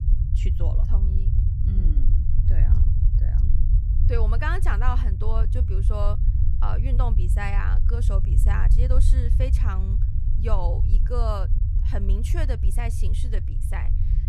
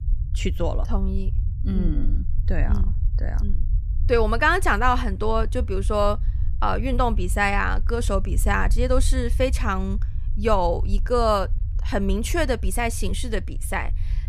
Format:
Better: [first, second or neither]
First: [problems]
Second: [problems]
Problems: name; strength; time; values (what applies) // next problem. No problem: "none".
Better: second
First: low rumble; loud; throughout; 7 dB below the speech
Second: low rumble; faint; throughout; 25 dB below the speech